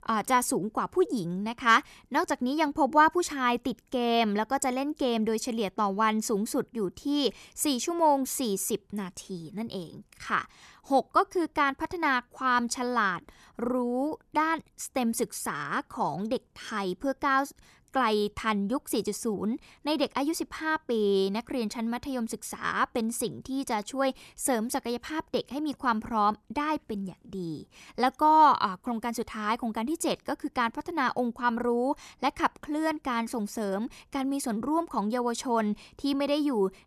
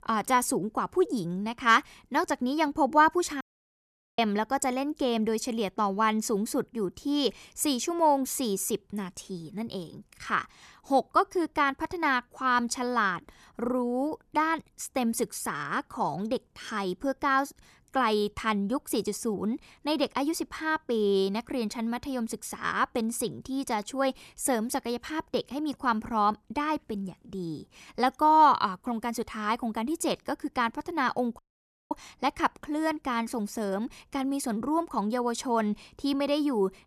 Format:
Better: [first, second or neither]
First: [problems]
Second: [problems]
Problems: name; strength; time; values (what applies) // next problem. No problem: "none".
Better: first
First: none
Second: audio cutting out; at 3.5 s for 1 s and at 31 s for 0.5 s